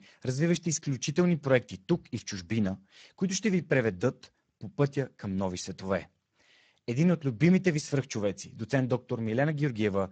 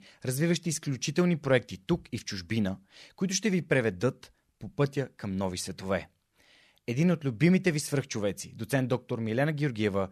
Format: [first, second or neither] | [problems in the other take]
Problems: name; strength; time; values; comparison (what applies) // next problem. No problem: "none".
second | garbled, watery; badly